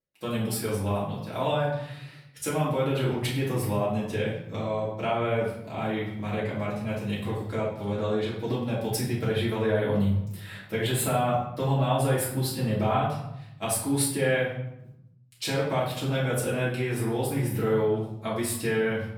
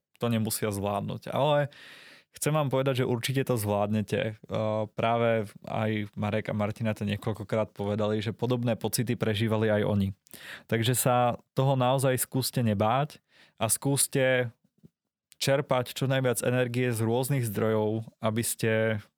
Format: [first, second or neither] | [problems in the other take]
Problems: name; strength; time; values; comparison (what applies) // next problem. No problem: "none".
second | off-mic speech; far // room echo; noticeable; dies away in 0.7 s